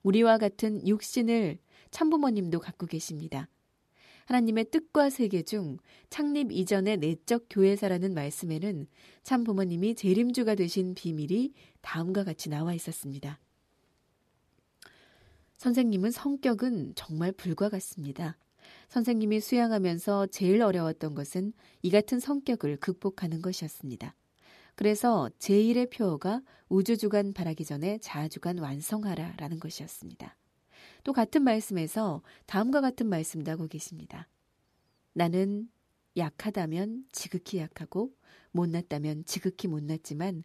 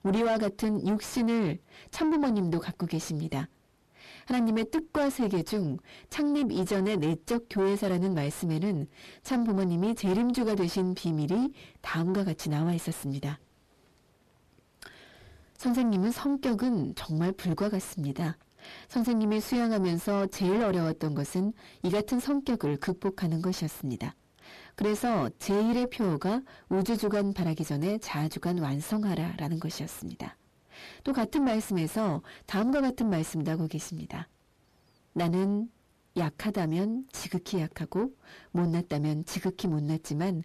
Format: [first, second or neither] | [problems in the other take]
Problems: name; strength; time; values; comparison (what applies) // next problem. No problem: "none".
first | distortion; heavy; 7 dB below the speech